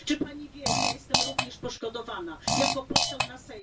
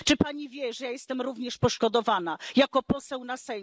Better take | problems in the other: second | background sound (Fart); 5 dB above the speech // room echo; dies away in 0.2 s

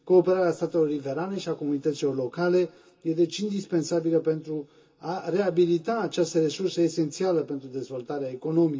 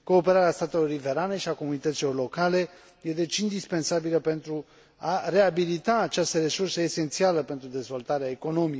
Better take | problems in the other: second | room echo; dies away in 0.2 s

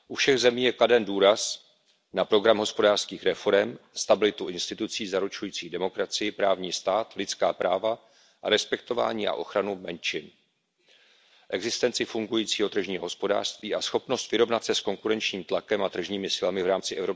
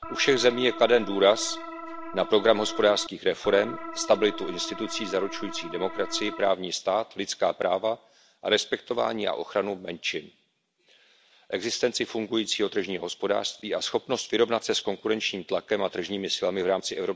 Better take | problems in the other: first | background sound (Organ); 10 dB below the speech

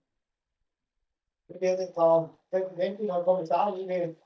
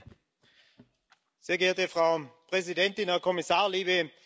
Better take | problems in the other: second | noise reduction (neural mask model DeepFilterNet 3)

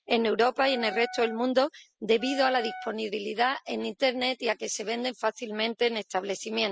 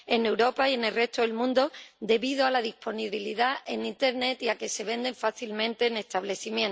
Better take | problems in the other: second | noise reduction (classical method spectral subtraction)

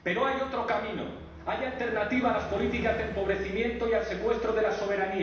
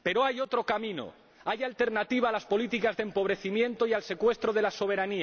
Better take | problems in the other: second | background sound (Bus); 15 dB below the speech // room echo; dies away in 0.9 s

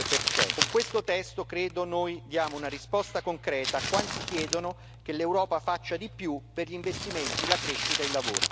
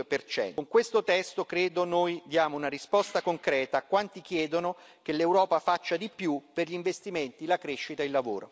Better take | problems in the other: second | background sound (Crumpling, crinkling); 2 dB below the speech

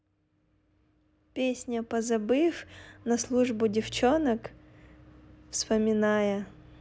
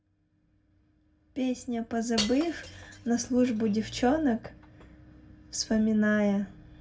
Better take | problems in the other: first | background sound (Shatter / Crushing); 12 dB below the speech // room echo; dies away in 0.2 s

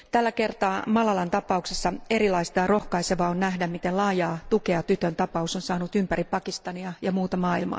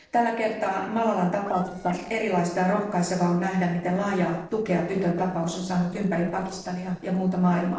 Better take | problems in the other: first | noise reduction (neural separator model SepFormer DNS4)

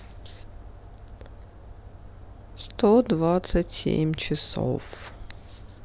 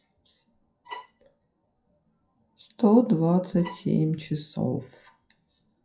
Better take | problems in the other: first | noise reduction (classical method WPE with log-MMSE)

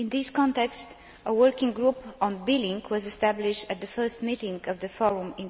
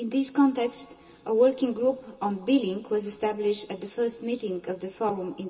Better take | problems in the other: first | room echo; dies away in 0.2 s

